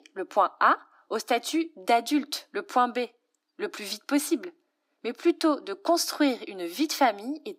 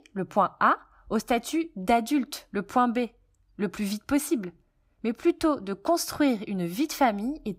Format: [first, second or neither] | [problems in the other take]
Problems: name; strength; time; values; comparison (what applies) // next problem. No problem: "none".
second | thin; very slightly; fading below 300 Hz